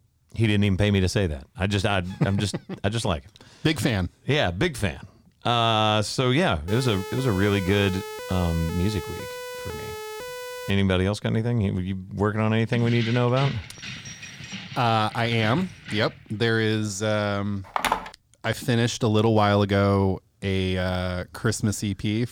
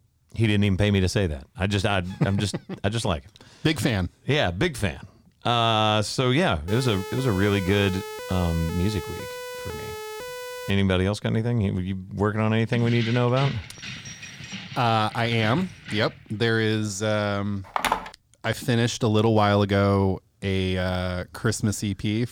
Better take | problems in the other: neither | siren; faint; from 6.5 to 11 s; peak 10 dB below the speech; the same in both // jangling keys; noticeable; from 13 to 16 s; peak 9 dB below the speech; the same in both // phone ringing; noticeable; at 18 s; peak 1 dB below the speech; the same in both

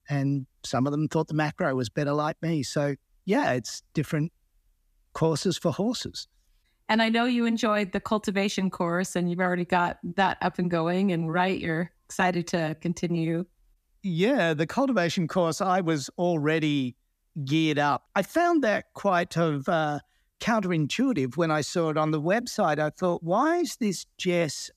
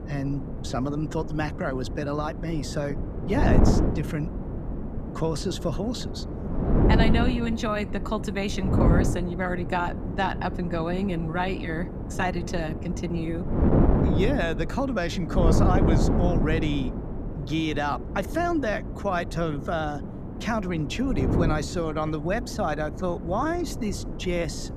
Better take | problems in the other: first | wind noise on the microphone; heavy; 5 dB below the speech

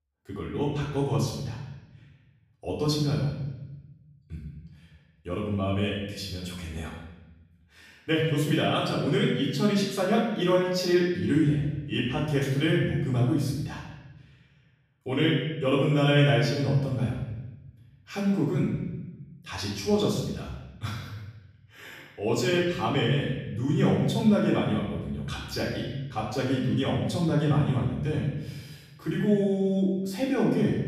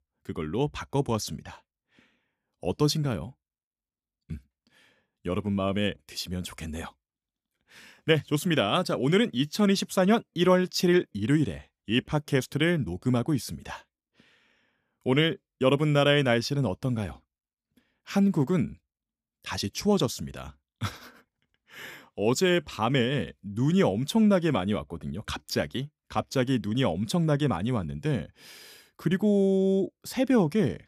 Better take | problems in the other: second | off-mic speech; far // room echo; noticeable; dies away in 1 s

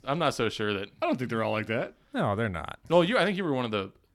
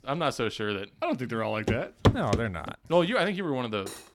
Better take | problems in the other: first | footsteps; loud; at 1.5 s; peak 4 dB above the speech // clattering dishes; very faint; at 4 s; peak 10 dB below the speech

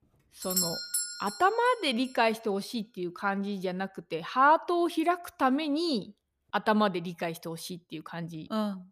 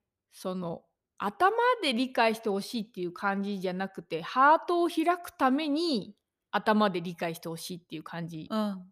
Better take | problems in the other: second | doorbell; loud; at 0.5 s; peak 1 dB above the speech

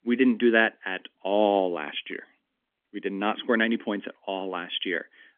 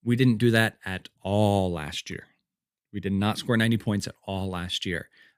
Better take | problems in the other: second | phone-call audio; nothing above 3.5 kHz

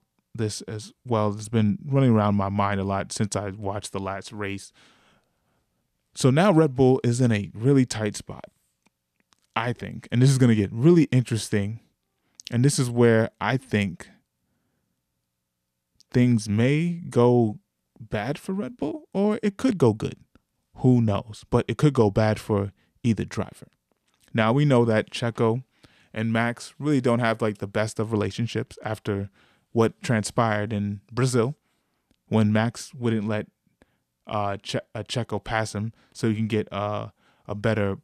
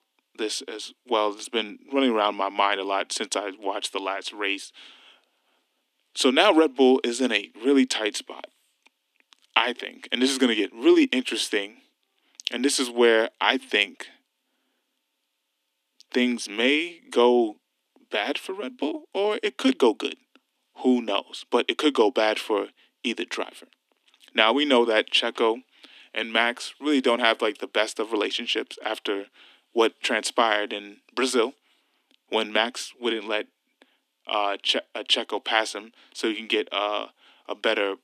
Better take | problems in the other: first | thin; somewhat; fading below 250 Hz

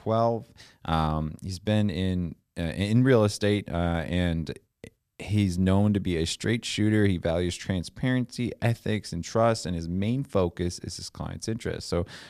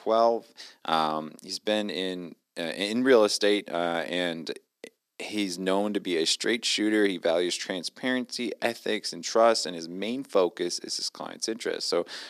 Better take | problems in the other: first | thin; somewhat; fading below 300 Hz

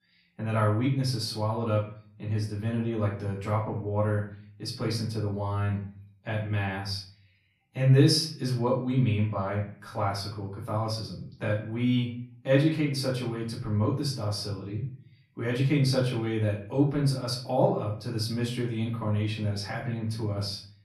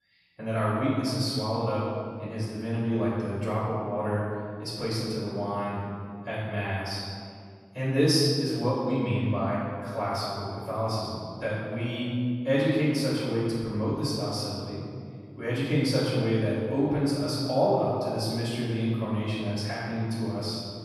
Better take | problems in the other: first | room echo; strong; dies away in 1.9 s; slight in the first // off-mic speech; far; far in the first

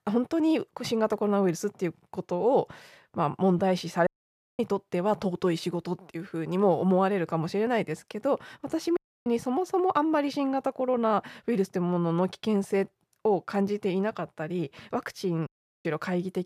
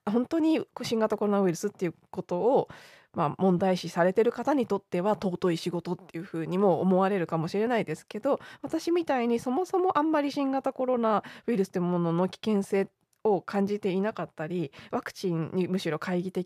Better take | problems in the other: second | audio cutting out; at 4 s for 0.5 s, at 9 s and at 15 s

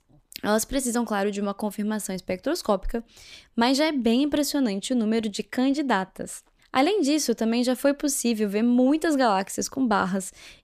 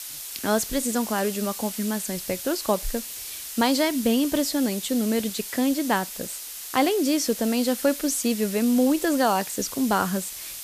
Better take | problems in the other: first | hiss; loud; throughout; 8 dB below the speech

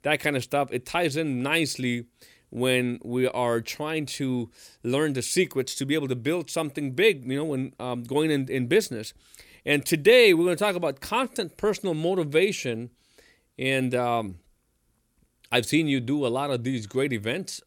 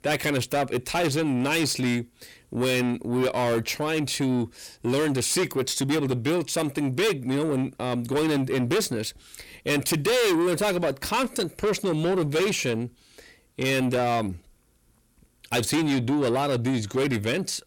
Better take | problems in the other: first | distortion; heavy; 6 dB below the speech

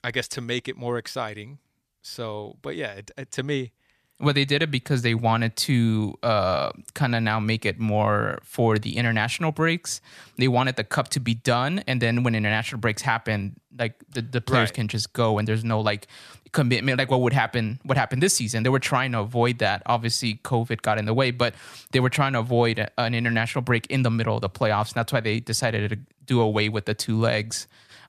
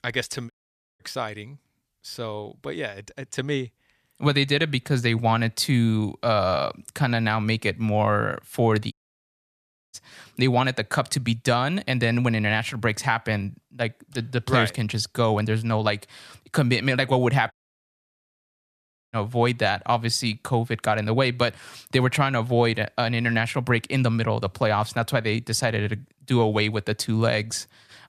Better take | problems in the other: first | audio cutting out; at 0.5 s, at 9 s for 1 s and at 18 s for 1.5 s

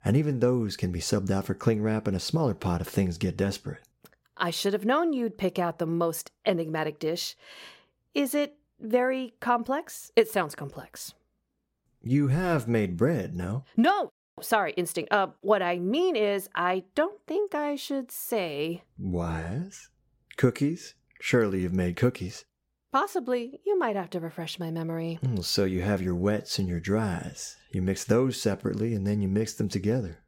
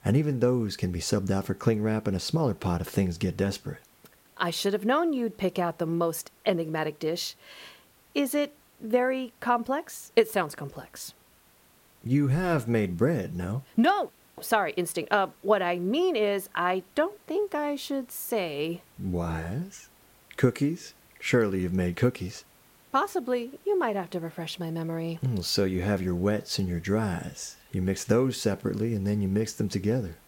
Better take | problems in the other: first | hiss; faint; throughout; 30 dB below the speech

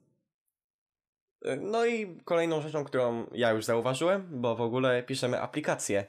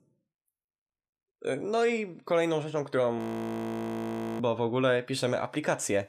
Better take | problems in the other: first | audio freezing; at 3 s for 1 s

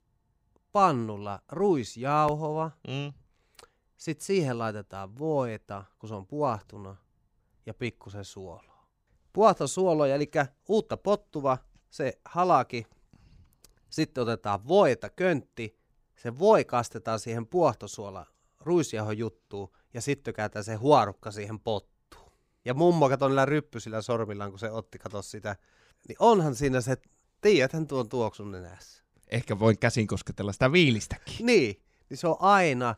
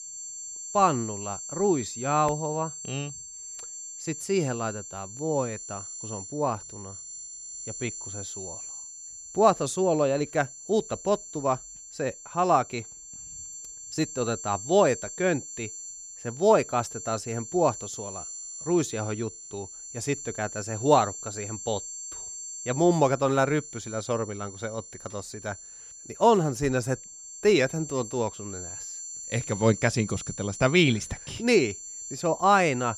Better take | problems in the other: first | high-pitched whine; noticeable; throughout; 7.5 kHz, 10 dB below the speech

